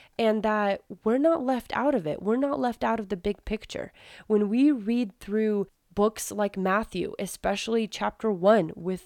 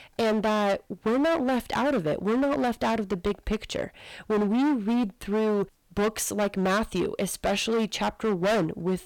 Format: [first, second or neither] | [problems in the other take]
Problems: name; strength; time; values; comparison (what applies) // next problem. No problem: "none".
first | distortion; heavy; 21% of the sound clipped